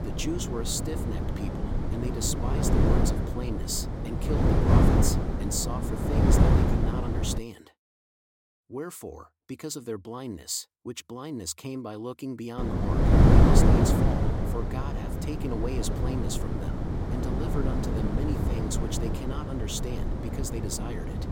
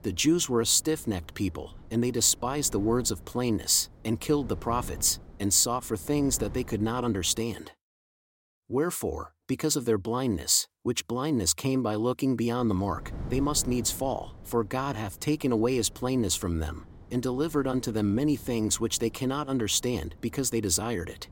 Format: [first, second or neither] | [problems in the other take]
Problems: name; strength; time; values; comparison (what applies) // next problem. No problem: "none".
second | wind noise on the microphone; heavy; until 7.5 s and from 13 s on; 4 dB above the speech; occasional gusts in the second